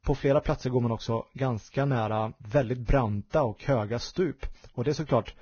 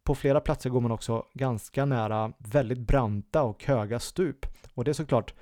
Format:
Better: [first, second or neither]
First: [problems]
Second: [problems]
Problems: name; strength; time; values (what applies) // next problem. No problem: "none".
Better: second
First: garbled, watery; badly; nothing above 6.5 kHz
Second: none